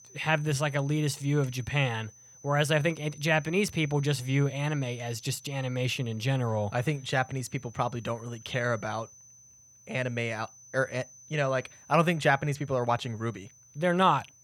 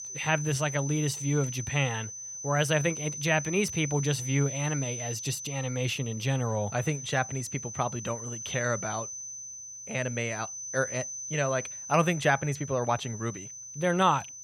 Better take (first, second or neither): first